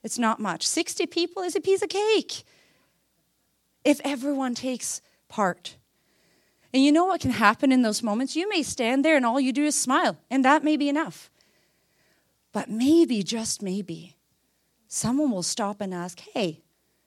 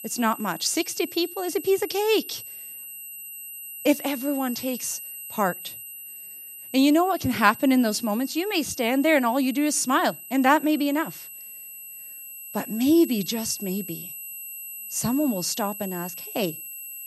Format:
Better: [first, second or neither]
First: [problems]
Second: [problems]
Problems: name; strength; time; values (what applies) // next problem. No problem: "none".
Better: first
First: none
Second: high-pitched whine; noticeable; throughout; 12 kHz, 10 dB below the speech